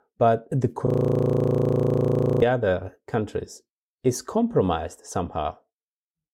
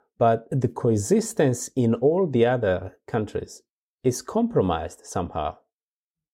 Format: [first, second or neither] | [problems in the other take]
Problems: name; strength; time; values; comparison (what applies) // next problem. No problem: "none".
second | audio freezing; at 1 s for 1.5 s